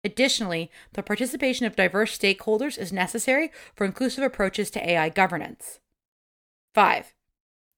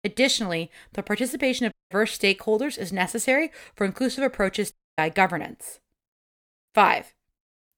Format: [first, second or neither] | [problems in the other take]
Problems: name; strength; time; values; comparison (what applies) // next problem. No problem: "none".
first | audio cutting out; at 1.5 s and at 4.5 s